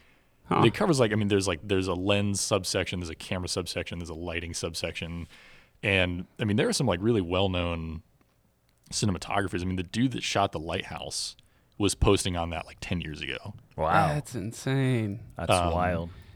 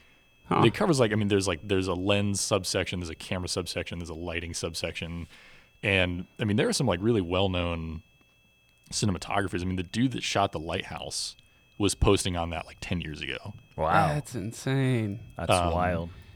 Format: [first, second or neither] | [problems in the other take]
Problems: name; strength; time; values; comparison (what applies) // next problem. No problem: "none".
first | high-pitched whine; faint; throughout; 2.5 kHz, 35 dB below the speech